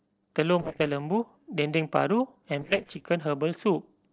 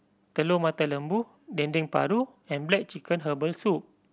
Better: second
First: noise reduction (neural separator model SepFormer DNS4)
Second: none

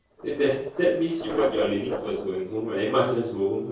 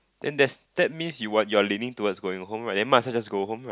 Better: second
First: noise reduction (neural separator model SepFormer DNS4)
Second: none

